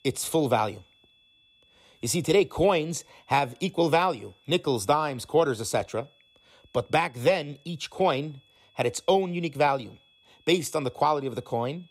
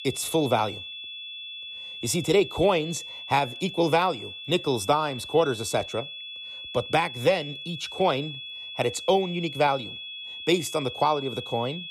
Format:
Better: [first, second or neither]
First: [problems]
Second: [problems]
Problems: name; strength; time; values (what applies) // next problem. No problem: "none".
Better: first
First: high-pitched whine; faint; throughout; 3.5 kHz, 35 dB below the speech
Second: high-pitched whine; loud; throughout; 3.5 kHz, 10 dB below the speech